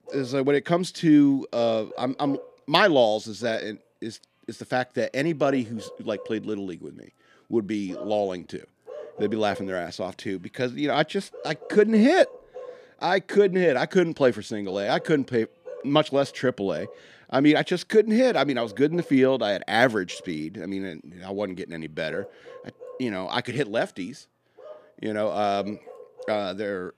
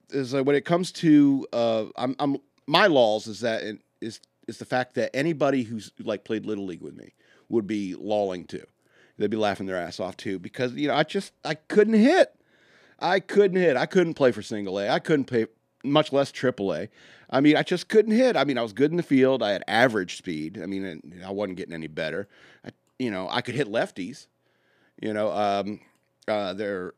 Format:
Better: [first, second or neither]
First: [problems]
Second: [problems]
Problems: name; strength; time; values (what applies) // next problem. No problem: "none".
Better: second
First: animal sounds; noticeable; throughout; 20 dB below the speech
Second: none